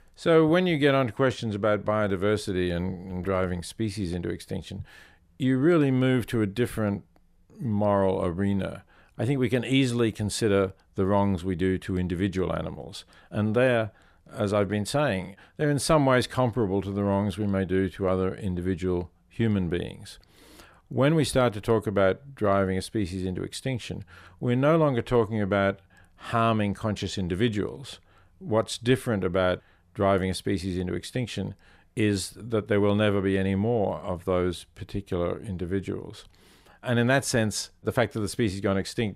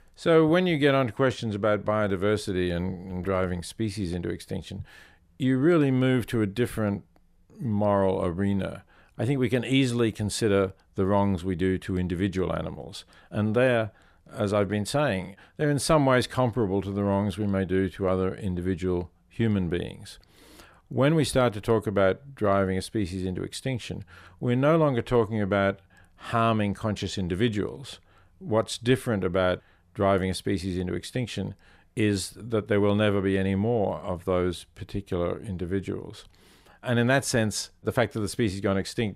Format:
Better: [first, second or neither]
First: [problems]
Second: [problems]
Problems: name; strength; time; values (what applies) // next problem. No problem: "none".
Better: neither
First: none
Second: none